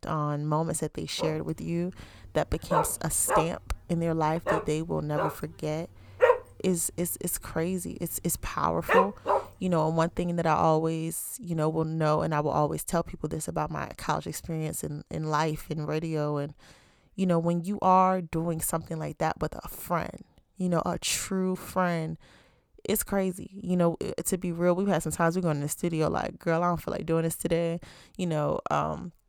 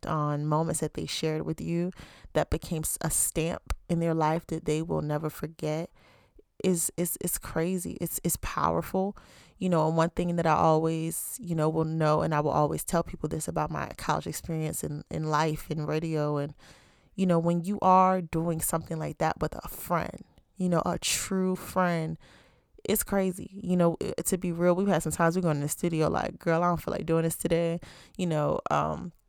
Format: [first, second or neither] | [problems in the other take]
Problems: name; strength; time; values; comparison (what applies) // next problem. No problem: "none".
second | dog barking; loud; from 1 to 9.5 s; peak 5 dB above the speech